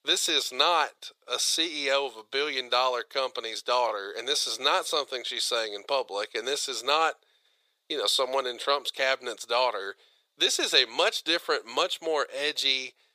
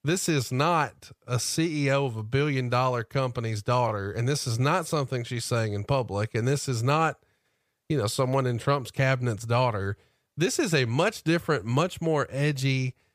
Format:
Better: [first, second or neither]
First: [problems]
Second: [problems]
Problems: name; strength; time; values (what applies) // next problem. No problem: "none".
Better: second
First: thin; very; fading below 400 Hz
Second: none